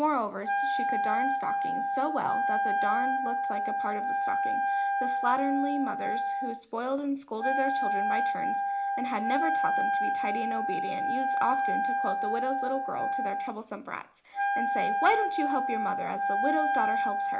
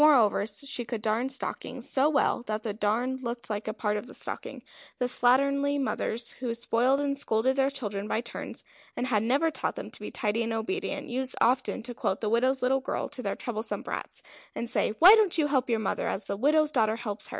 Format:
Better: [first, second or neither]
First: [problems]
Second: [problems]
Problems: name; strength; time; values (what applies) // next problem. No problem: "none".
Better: second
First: background sound (Wind instrument, woodwind instrument); 4 dB above the speech // room echo; dies away in 0.4 s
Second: none